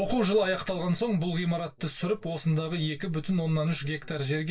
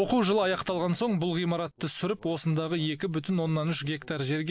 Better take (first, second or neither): second